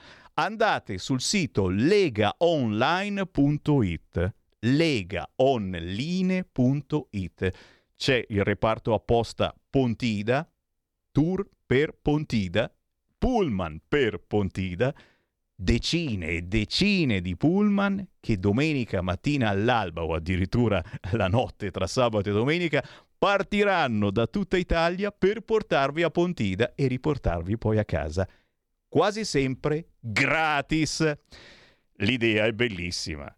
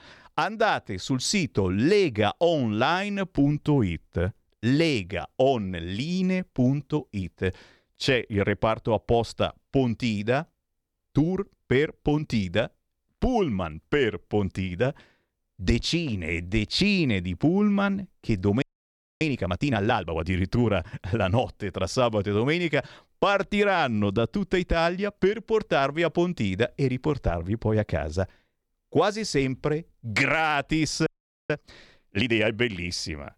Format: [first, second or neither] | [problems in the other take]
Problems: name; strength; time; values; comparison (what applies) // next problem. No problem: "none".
first | audio freezing; at 19 s for 0.5 s and at 31 s